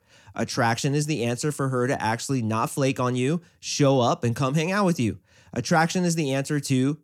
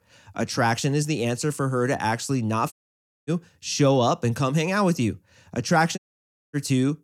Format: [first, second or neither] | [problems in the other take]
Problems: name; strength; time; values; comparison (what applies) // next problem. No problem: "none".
first | audio cutting out; at 2.5 s for 0.5 s and at 6 s for 0.5 s